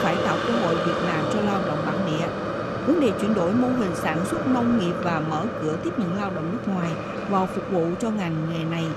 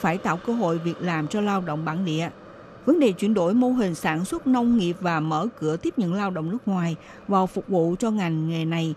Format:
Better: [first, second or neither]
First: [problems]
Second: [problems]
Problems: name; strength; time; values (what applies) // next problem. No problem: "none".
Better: second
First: hiss; loud; throughout; 2 dB below the speech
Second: hiss; faint; throughout; 20 dB below the speech